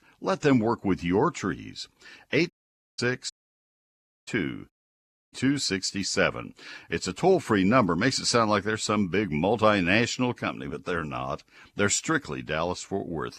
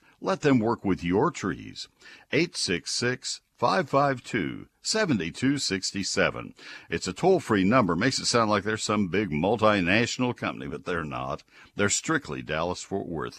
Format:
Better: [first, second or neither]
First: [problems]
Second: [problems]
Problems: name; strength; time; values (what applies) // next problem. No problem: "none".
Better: second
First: audio cutting out; at 2.5 s, at 3.5 s for 1 s and at 4.5 s for 0.5 s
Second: none